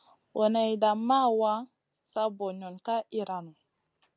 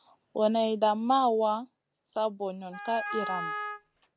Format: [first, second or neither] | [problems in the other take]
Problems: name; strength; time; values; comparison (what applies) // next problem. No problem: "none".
first | background sound (Wind instrument, woodwind instrument); 7 dB below the speech